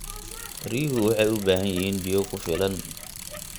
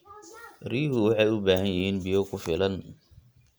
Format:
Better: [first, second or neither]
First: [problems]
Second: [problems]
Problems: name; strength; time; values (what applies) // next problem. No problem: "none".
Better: second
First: background sound (Bicycle); 11 dB below the speech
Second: none